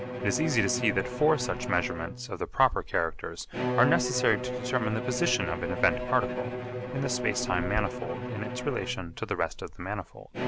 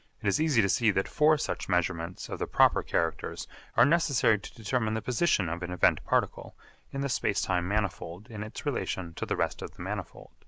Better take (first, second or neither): second